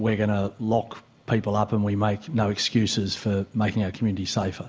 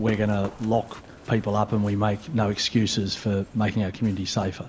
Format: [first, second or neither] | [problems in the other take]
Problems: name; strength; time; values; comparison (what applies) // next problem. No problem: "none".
first | background sound (Run); 19 dB below the speech